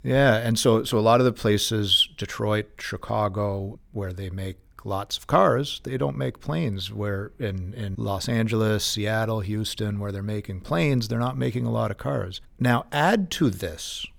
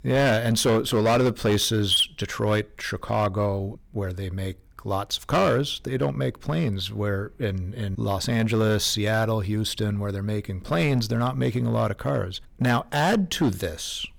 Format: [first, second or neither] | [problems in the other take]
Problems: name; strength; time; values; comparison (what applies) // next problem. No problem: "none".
first | distortion; slight; 6% of the sound clipped